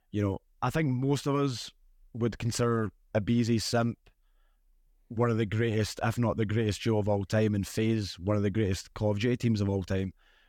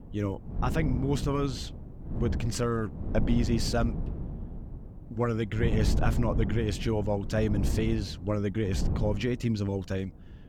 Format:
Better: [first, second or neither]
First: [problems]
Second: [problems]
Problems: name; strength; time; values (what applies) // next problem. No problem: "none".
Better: first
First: none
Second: wind noise on the microphone; heavy; 10 dB below the speech